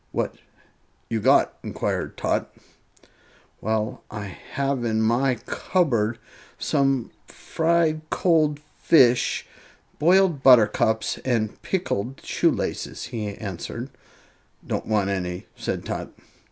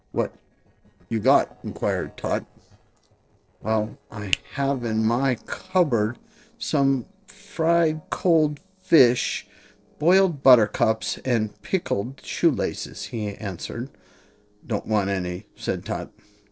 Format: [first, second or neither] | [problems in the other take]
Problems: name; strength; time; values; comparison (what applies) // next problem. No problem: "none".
first | noise reduction (neural separator model SepFormer DNS4)